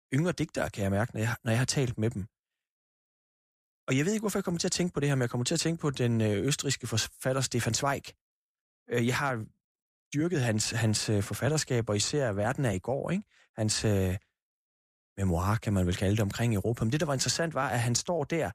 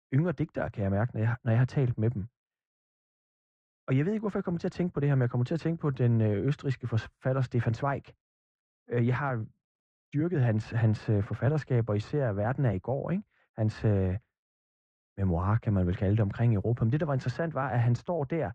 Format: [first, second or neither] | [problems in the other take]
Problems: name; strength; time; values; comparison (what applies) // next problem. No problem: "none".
first | muffled; very; fading above 1.5 kHz